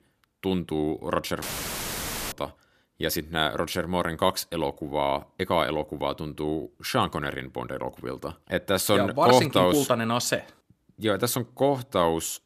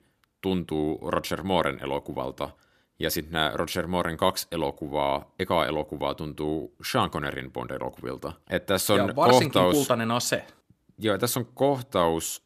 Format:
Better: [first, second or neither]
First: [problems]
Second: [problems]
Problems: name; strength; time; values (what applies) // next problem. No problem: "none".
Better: second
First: audio cutting out; filled with static; at 1.5 s for 1 s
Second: none